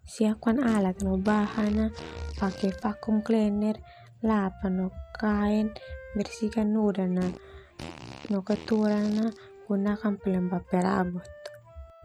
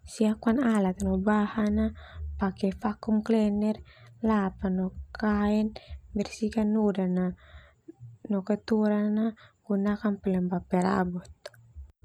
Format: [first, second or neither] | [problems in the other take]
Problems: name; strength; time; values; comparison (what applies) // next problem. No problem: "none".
second | background sound (Fart + Wind instrument, woodwind instrument); 18 dB below the speech